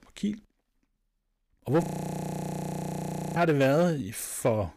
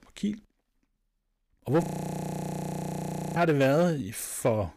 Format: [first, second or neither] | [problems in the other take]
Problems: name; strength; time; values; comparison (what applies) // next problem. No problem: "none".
neither | audio freezing; at 2 s for 1.5 s; the same in both